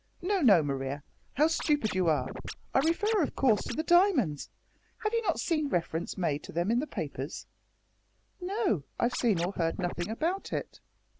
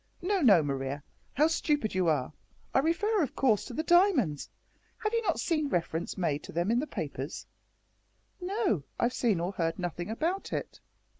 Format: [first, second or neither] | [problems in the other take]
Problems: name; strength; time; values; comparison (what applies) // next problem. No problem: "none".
second | background sound (Scratching (performance technique)); 9 dB below the speech